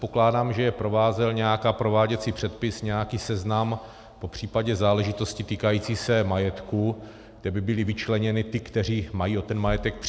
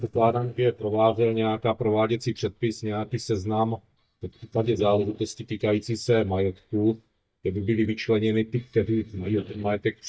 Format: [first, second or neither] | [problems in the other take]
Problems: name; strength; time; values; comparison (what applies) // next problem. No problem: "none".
first | noise reduction (neural mask model DeepFilterNet 3)